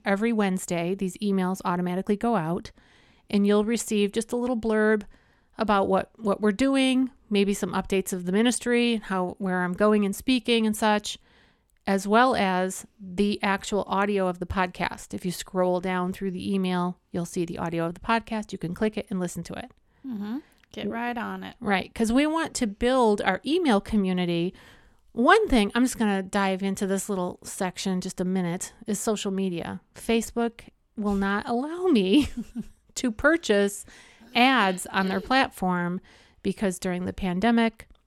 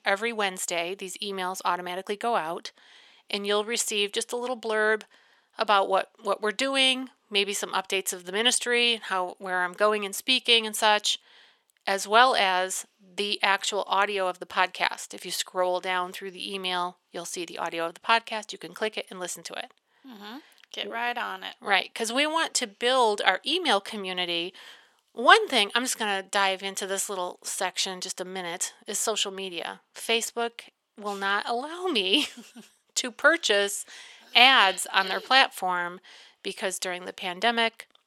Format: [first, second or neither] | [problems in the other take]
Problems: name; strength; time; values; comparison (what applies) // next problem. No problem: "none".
first | thin; very; fading below 550 Hz